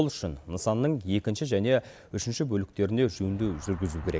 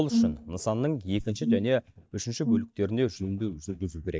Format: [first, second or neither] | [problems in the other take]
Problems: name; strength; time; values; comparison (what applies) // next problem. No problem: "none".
first | noise reduction (neural mask model DeepFilterNet 3)